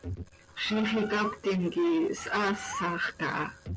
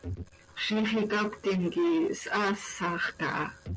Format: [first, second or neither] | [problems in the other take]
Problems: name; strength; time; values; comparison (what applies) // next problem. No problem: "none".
second | background sound (Bird); 10 dB below the speech